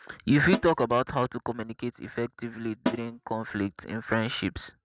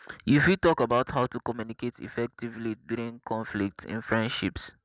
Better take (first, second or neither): second